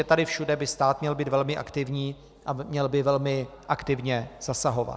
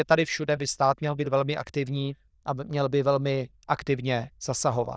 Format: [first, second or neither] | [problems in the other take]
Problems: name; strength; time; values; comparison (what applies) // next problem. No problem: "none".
first | noise reduction (neural diffusion model UNIVERSE++)